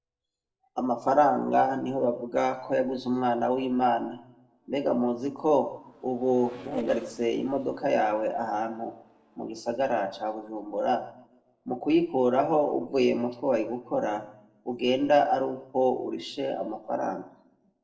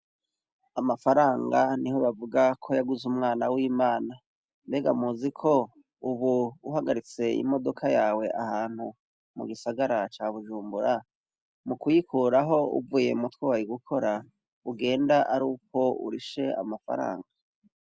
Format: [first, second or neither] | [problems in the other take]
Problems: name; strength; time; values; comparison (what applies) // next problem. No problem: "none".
second | noise reduction (neural separator model SepFormer DNS4)